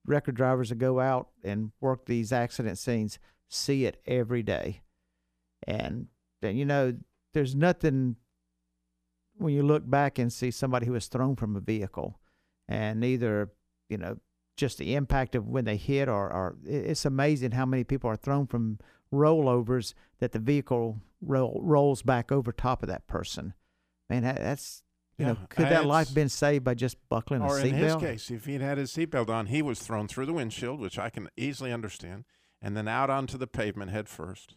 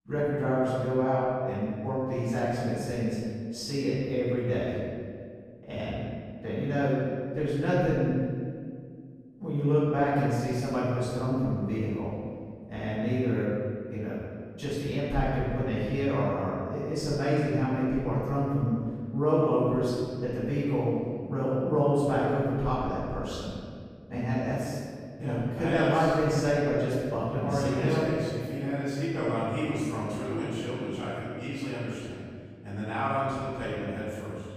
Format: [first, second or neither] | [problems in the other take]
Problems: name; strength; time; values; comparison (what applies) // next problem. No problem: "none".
first | off-mic speech; far // room echo; strong; dies away in 1.9 s